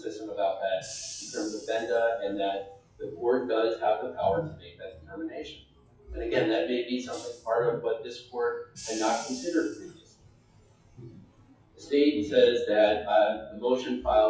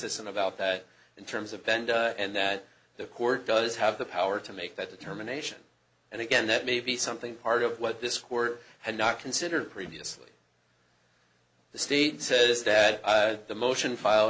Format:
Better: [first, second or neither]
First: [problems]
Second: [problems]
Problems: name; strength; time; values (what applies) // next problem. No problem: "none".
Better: second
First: noise reduction (classical method WPE with log-MMSE)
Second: none